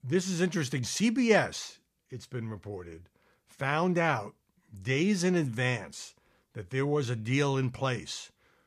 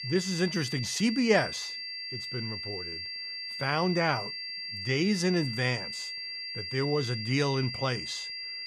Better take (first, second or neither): first